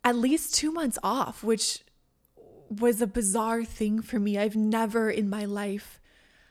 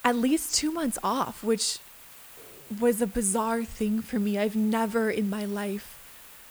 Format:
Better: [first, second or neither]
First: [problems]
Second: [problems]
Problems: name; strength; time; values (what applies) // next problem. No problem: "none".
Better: first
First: none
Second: hiss; noticeable; throughout; 20 dB below the speech